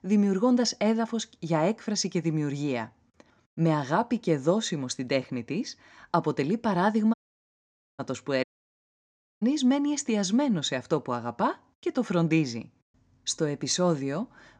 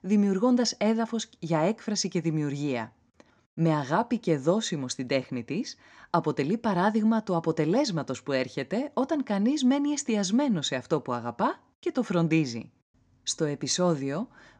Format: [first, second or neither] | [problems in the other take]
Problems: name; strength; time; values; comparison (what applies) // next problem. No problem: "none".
second | audio cutting out; at 7 s for 1 s and at 8.5 s for 1 s